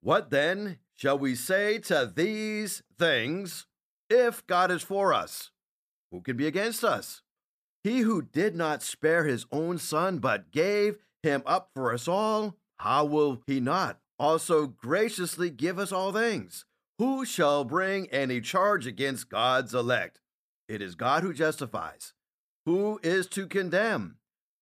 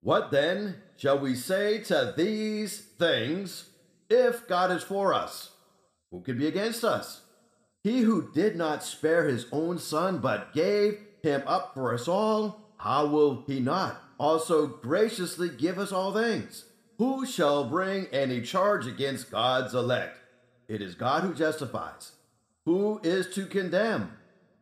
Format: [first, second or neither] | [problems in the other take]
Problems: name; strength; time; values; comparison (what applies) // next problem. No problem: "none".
first | room echo; very slight; dies away in 0.7 s